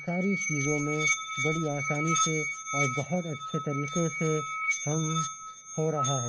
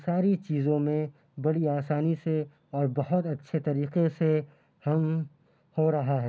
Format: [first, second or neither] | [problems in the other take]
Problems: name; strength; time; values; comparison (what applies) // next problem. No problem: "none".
second | background sound (Musical instrument); 1 dB below the speech